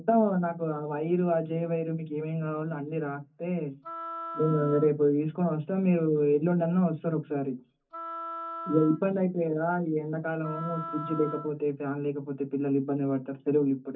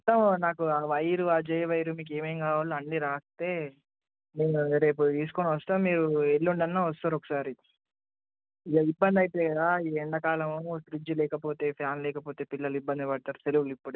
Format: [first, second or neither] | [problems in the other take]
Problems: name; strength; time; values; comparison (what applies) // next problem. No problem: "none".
second | background sound (Wind instrument, woodwind instrument); 12 dB below the speech // room echo; dies away in 0.3 s